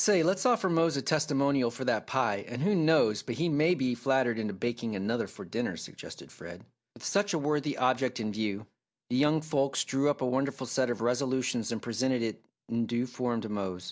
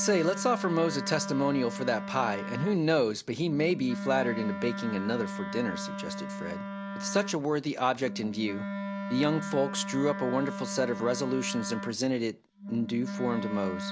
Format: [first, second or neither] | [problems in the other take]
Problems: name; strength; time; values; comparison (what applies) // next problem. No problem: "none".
first | background sound (Wind instrument, woodwind instrument); 7 dB below the speech